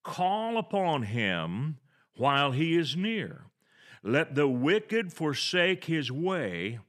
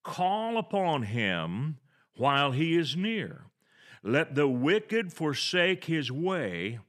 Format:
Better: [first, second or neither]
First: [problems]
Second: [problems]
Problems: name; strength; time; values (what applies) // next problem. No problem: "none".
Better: neither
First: none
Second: none